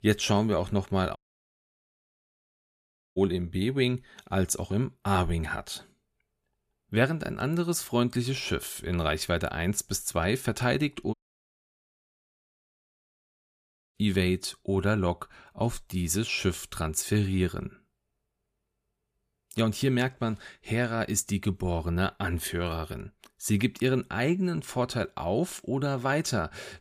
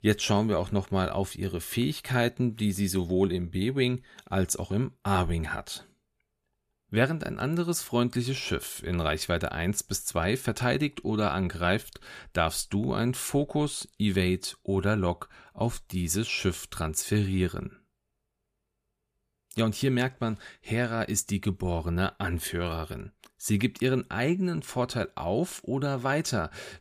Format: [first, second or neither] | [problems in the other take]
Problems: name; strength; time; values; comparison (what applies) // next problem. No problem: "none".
second | audio cutting out; at 1 s for 2 s and at 11 s for 3 s